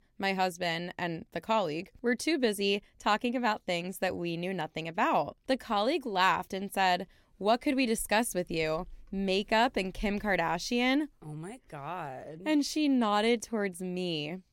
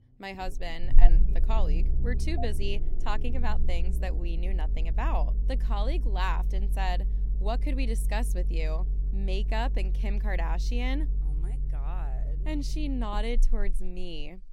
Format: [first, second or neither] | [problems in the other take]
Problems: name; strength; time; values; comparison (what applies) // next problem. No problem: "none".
first | low rumble; noticeable; throughout; 10 dB below the speech